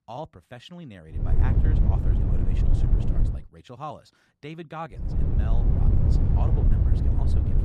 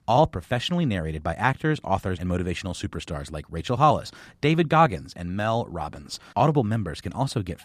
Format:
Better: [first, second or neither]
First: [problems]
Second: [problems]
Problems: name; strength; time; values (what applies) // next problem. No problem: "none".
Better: second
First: wind noise on the microphone; heavy; from 1 to 3.5 s and from 5 s on; 3 dB above the speech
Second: none